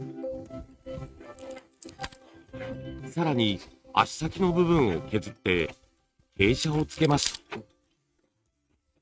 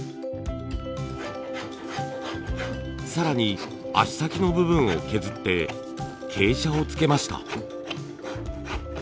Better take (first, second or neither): second